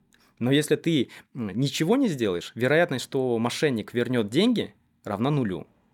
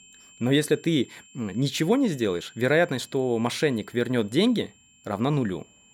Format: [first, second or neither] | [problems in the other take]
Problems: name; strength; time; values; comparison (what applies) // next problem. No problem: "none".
first | high-pitched whine; faint; throughout; 7.5 kHz, 25 dB below the speech